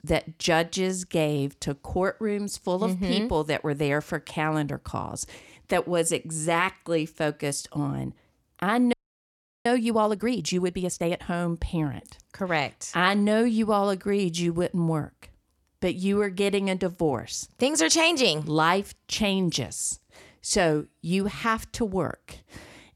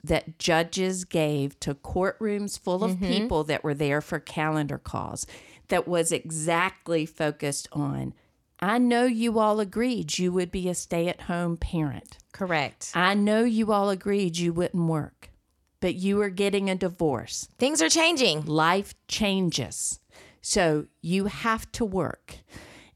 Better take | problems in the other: second | audio freezing; at 9 s for 0.5 s

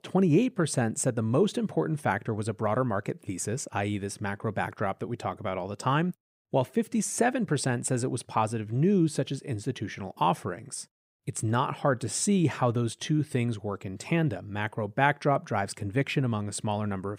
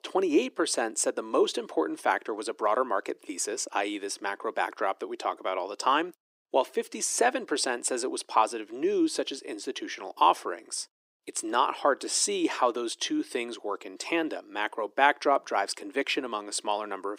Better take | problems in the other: first | thin; very; fading below 300 Hz

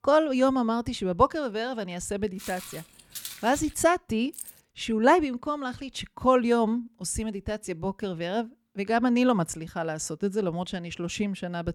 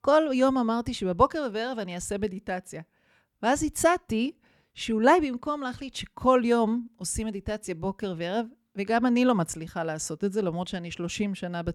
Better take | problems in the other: second | footsteps; faint; from 2.5 to 3.5 s; peak 10 dB below the speech // jangling keys; faint; at 4.5 s; peak 15 dB below the speech

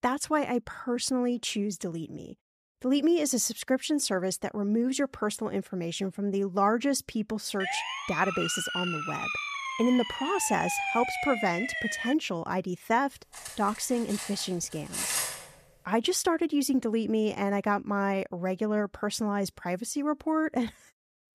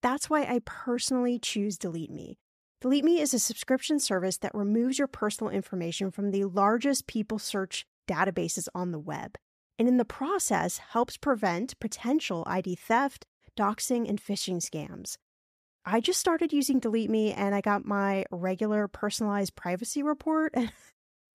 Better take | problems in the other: second | siren; noticeable; from 7.5 to 12 s; peak level with the speech // clattering dishes; loud; from 13 to 15 s; peak 1 dB above the speech

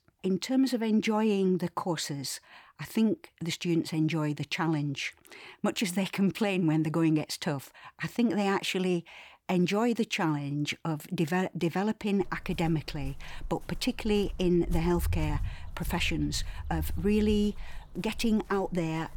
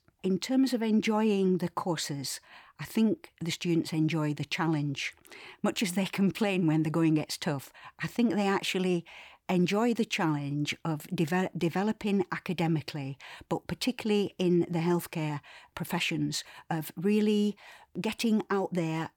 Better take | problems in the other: second | footsteps; noticeable; from 12 s on; peak 4 dB below the speech

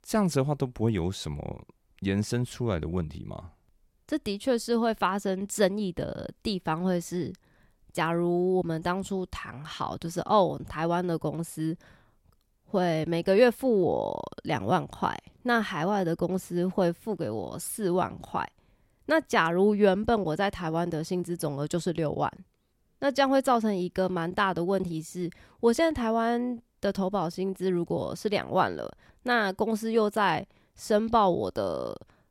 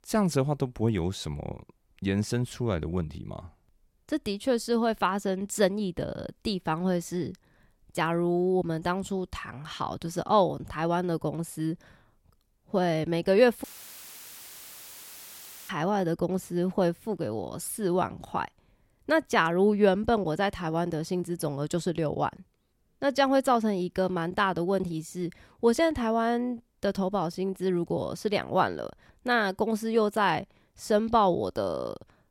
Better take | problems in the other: first | audio cutting out; filled with static; at 14 s for 2 s

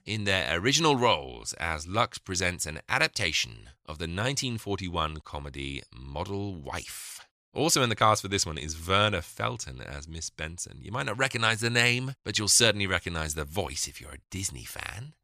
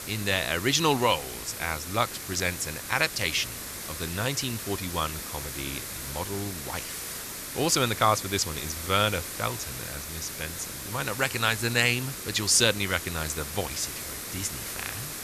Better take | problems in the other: first | hiss; loud; throughout; 7 dB below the speech

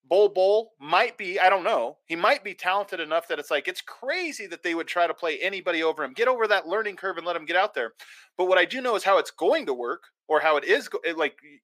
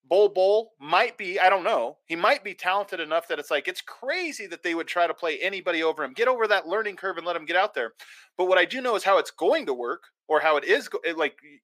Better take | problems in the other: neither | thin; somewhat; fading below 350 Hz; the same in both

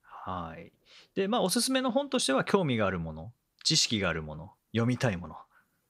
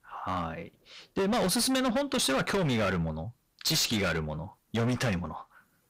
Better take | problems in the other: first | distortion; heavy; 19% of the sound clipped

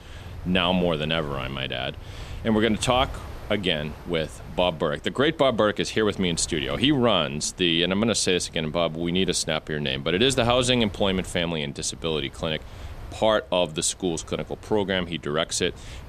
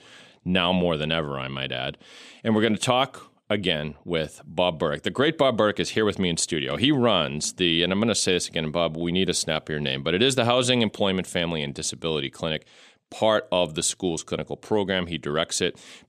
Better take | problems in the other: second | wind noise on the microphone; occasional gusts; 25 dB below the speech

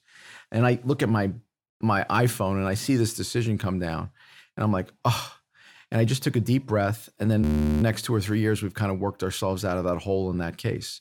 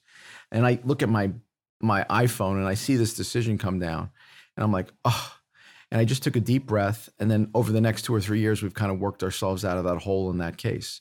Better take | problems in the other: second | audio freezing; at 7.5 s

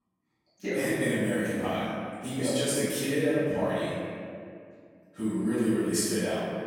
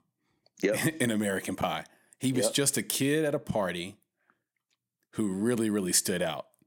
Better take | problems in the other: second | off-mic speech; far // room echo; strong; dies away in 2.1 s

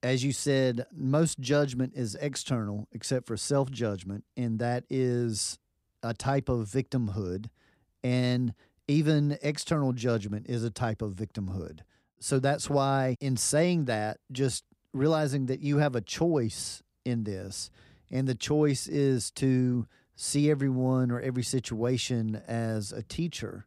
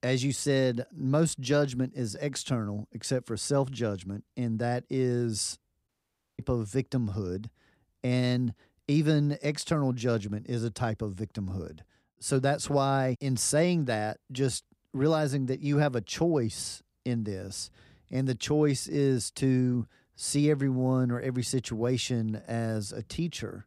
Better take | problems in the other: first | audio cutting out; at 6 s for 0.5 s

